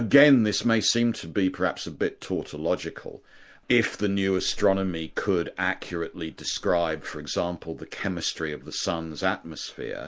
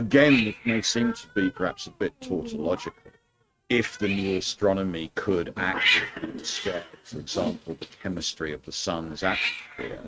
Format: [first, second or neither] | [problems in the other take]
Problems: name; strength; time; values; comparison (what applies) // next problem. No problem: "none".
first | noise reduction (neural mask model RNNoise)